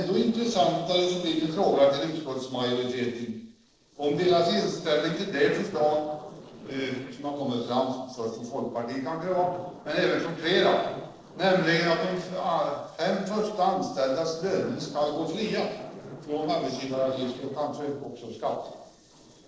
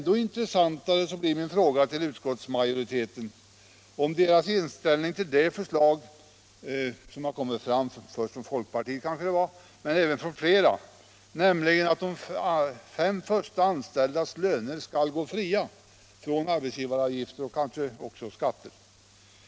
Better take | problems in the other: second | noise reduction (neural separator model SepFormer DNS4)

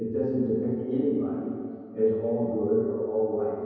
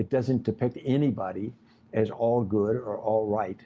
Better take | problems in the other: second | room echo; dies away in 2.2 s

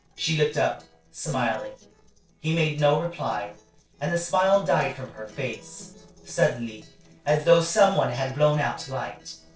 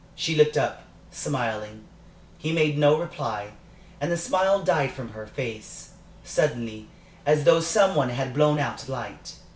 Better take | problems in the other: second | noise reduction (neural separator model SepFormer DNS4)

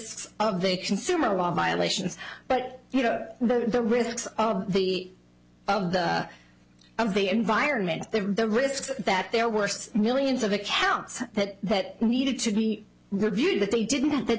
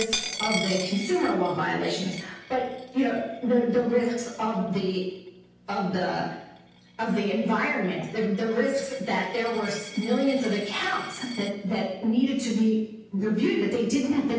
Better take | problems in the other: first | background sound (Coin (dropping)); 14 dB below the speech // room echo; dies away in 0.9 s

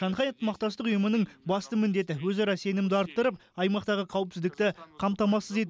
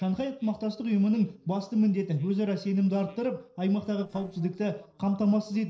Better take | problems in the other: first | noise reduction (neural separator model SepFormer DNS4)

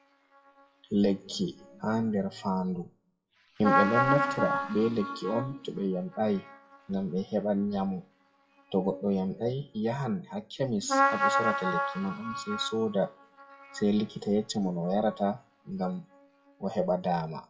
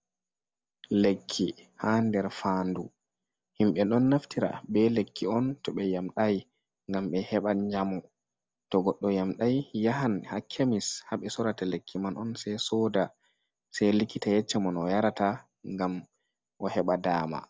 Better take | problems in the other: second | noise reduction (classical method WPE with log-MMSE)

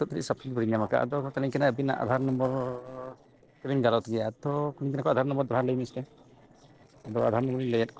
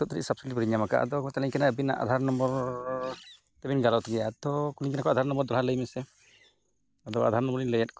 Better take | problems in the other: second | noise reduction (neural separator model SepFormer DNS4)

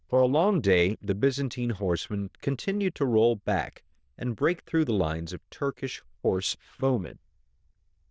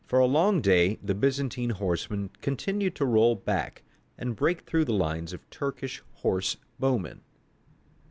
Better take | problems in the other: second | noise reduction (neural diffusion model UNIVERSE++)

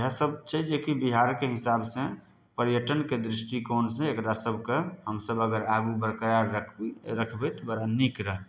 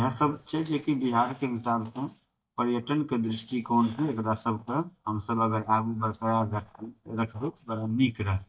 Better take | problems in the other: first | noise reduction (neural mask model DeepFilterNet 3)

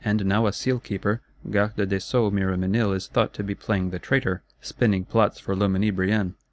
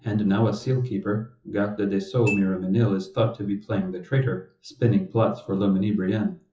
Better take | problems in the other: first | noise reduction (classical method WPE with log-MMSE)

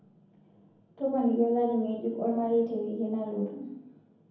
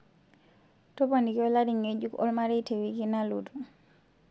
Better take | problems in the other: second | room echo; dies away in 0.9 s

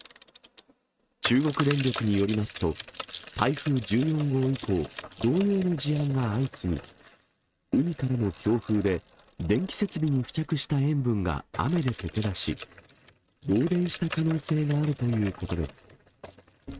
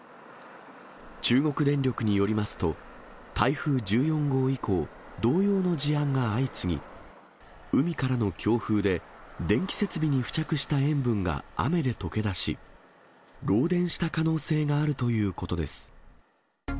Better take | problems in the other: second | noise reduction (neural mask model RNNoise)

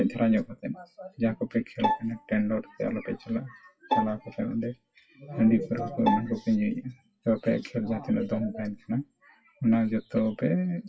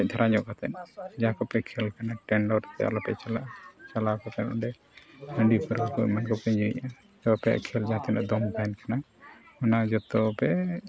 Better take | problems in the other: second | noise reduction (classical method WPE with log-MMSE)

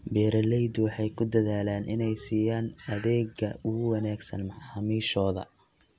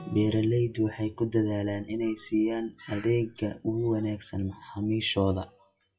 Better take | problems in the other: first | noise reduction (classical method WPE with log-MMSE)

